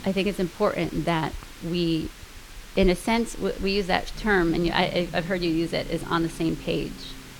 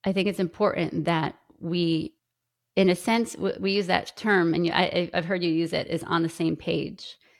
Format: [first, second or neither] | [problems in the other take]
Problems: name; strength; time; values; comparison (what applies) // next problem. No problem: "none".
second | hiss; noticeable; throughout; 15 dB below the speech